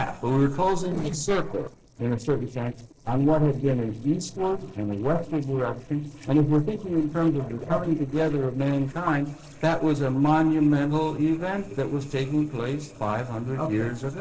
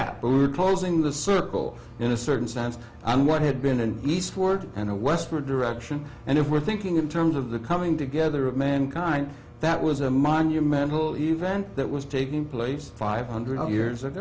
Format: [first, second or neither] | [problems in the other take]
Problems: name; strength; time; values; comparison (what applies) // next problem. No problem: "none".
second | noise reduction (neural separator model SepFormer DNS4)